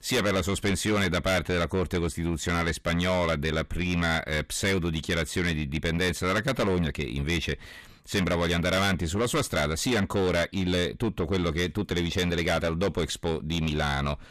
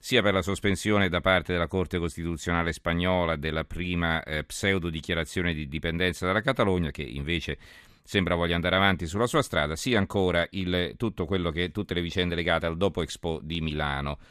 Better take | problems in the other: second | distortion; heavy; 6 dB below the speech

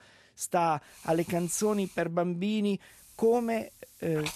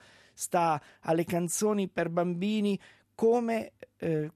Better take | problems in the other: second | hiss; noticeable; from 1 to 2 s and from 3 s on; 20 dB below the speech

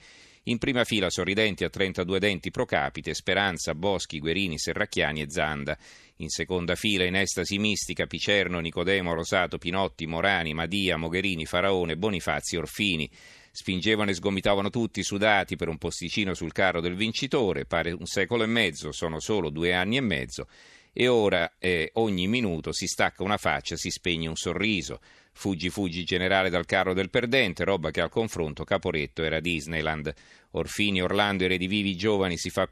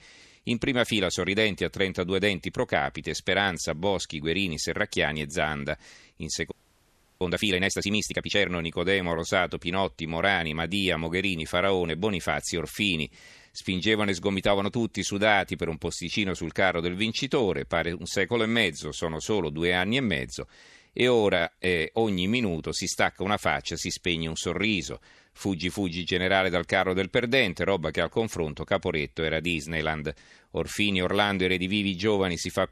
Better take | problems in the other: first | audio freezing; at 6.5 s for 0.5 s

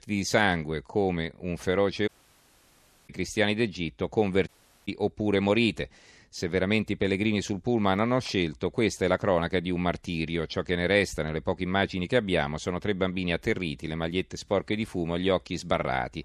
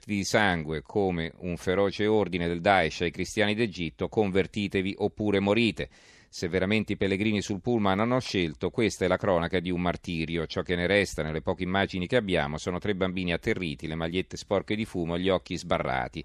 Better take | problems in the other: second | audio cutting out; at 2 s for 1 s and at 4.5 s

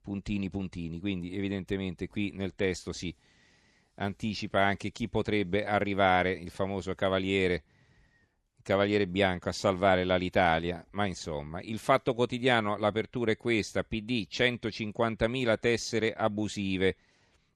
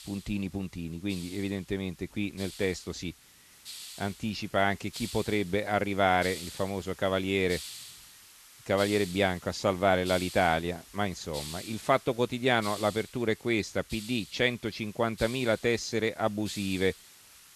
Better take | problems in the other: first | hiss; noticeable; throughout; 15 dB below the speech

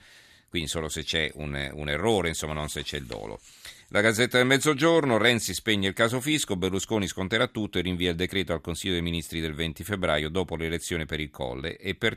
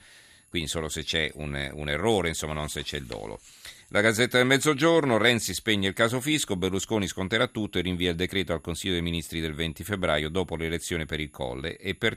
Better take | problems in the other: first | high-pitched whine; faint; throughout; 11 kHz, 35 dB below the speech

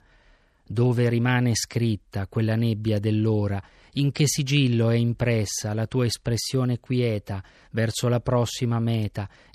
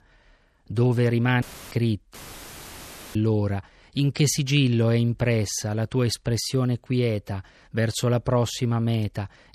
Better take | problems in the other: first | audio cutting out; filled with static; at 1.5 s and at 2 s for 1 s

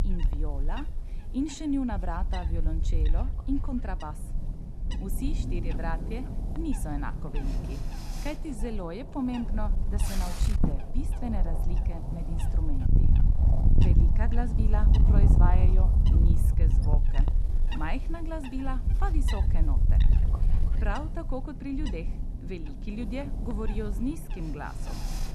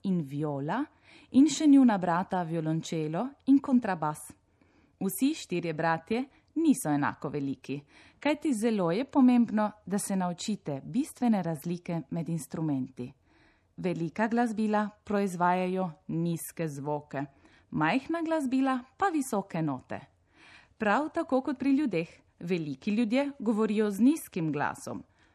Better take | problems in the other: second | wind noise on the microphone; heavy; 4 dB below the speech

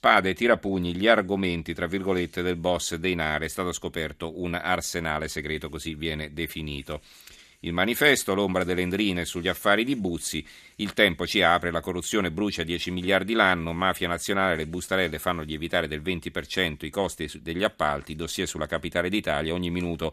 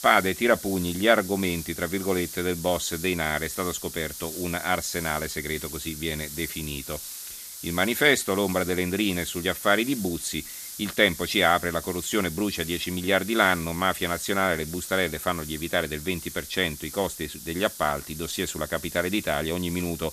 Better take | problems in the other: first | hiss; noticeable; throughout; 10 dB below the speech

